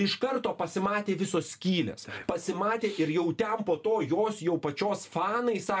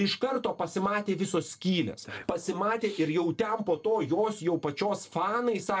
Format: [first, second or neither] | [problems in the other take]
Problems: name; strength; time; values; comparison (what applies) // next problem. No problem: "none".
first | noise reduction (neural separator model SepFormer DNS4)